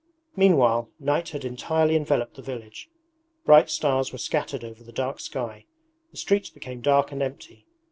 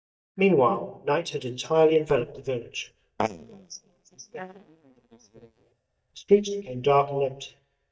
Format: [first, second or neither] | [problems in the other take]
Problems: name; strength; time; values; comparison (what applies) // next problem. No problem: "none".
first | noise reduction (neural mask model DeepFilterNet 3)